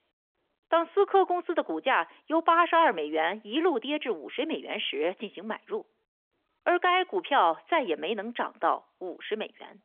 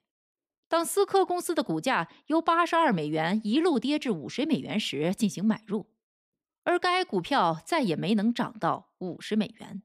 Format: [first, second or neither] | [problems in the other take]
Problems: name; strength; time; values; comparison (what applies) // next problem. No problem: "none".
second | phone-call audio; nothing above 3.5 kHz